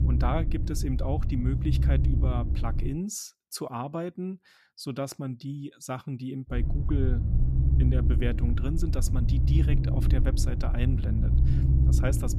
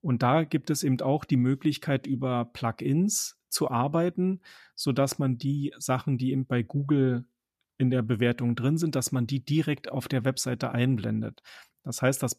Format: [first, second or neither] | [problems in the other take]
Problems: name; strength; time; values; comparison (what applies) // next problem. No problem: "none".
second | low rumble; loud; until 3 s and from 6.5 s on; 4 dB below the speech